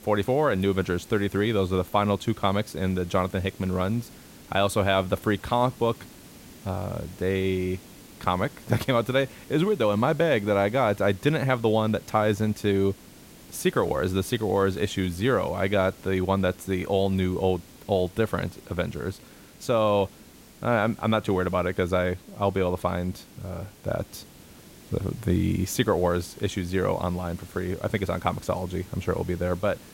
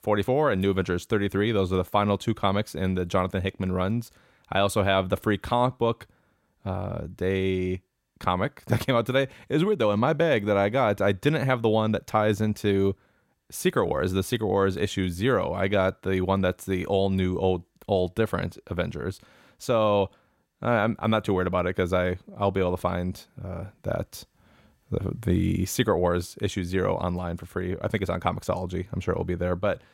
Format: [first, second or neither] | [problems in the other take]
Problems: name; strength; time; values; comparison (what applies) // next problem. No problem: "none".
second | hiss; faint; throughout; 20 dB below the speech